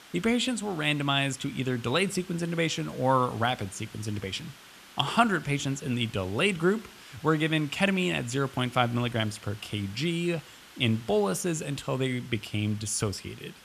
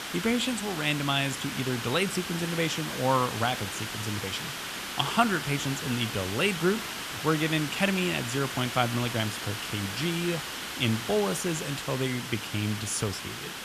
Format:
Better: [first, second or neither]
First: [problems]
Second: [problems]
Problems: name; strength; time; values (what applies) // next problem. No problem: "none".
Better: first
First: hiss; faint; throughout; 20 dB below the speech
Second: hiss; loud; throughout; 5 dB below the speech